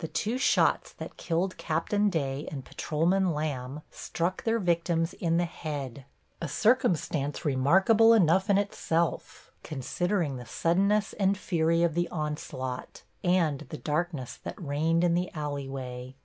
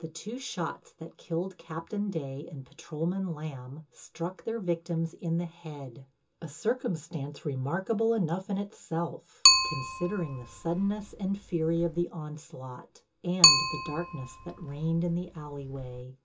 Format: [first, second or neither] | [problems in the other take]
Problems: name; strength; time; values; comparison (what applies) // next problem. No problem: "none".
first | background sound (Bicycle); 4 dB above the speech // room echo; dies away in 0.2 s